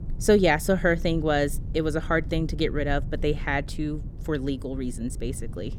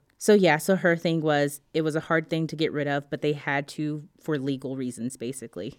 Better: second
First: low rumble; faint; throughout; 25 dB below the speech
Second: none

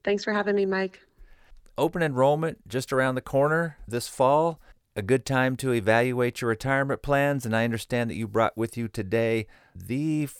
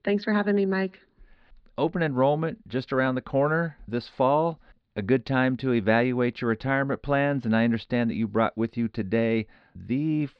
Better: first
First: none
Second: muffled; very slightly; fading above 4 kHz

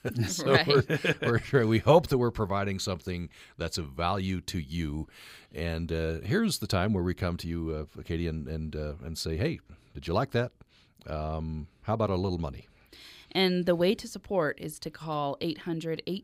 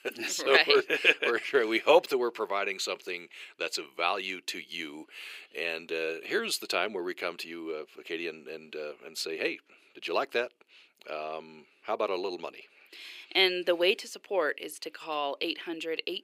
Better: first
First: none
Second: thin; very; fading below 350 Hz

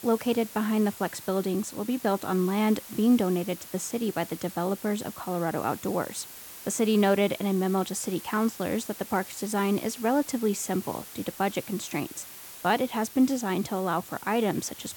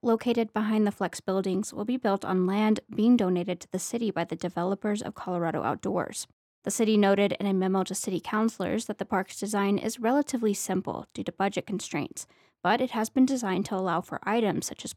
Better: second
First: hiss; noticeable; throughout; 15 dB below the speech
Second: none

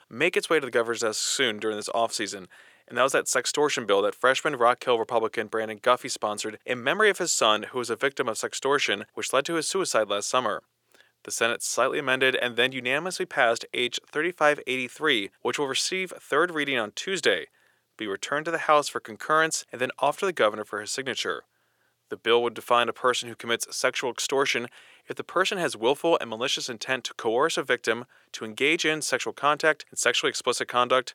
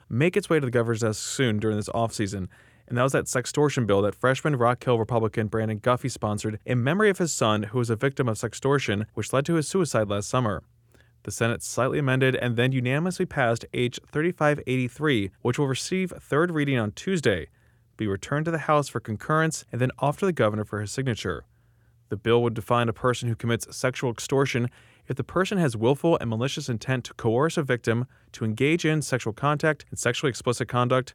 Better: second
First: thin; somewhat; fading below 450 Hz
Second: none

